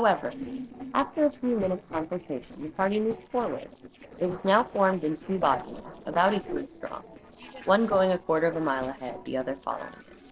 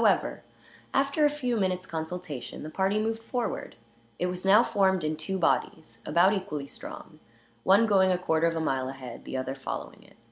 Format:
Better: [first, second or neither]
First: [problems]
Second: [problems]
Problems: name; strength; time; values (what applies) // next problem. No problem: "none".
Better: second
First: noise reduction (neural separator model SepFormer DNS4)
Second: none